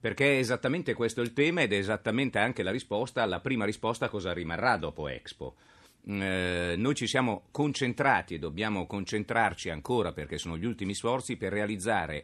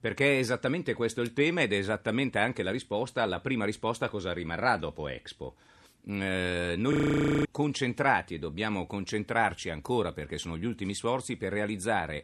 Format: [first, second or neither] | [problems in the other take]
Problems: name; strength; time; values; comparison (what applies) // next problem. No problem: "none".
first | audio freezing; at 7 s for 0.5 s